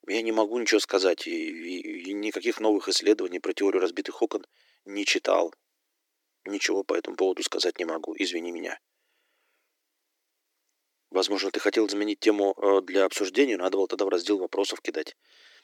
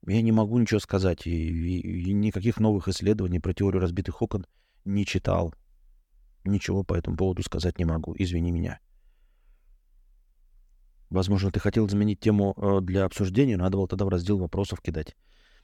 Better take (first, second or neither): second